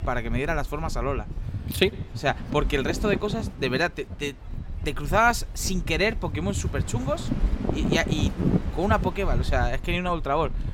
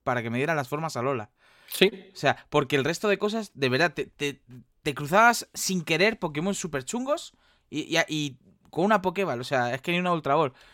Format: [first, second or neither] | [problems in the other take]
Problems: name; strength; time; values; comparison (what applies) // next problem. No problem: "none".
second | wind noise on the microphone; occasional gusts; 10 dB below the speech